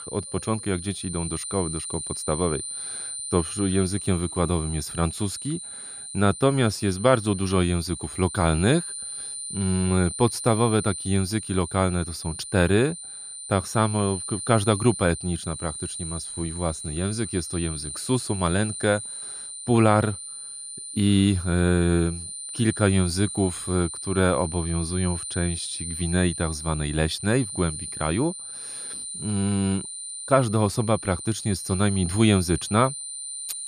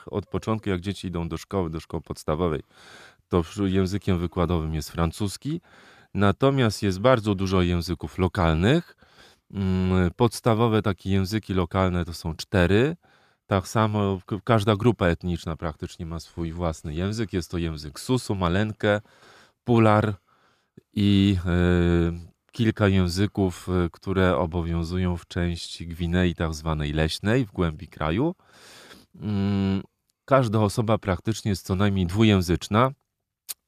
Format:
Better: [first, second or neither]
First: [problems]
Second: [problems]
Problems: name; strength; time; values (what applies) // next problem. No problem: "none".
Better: second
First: high-pitched whine; loud; throughout; 9 kHz, 8 dB below the speech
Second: none